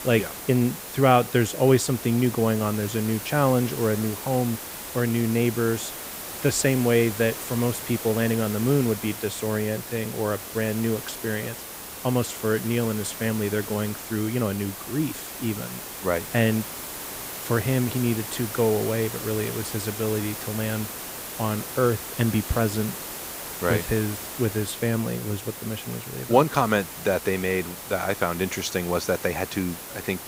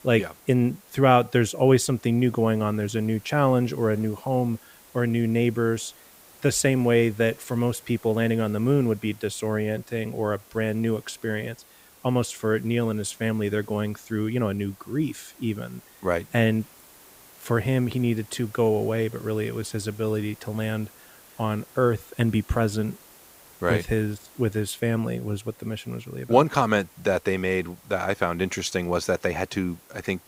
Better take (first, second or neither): second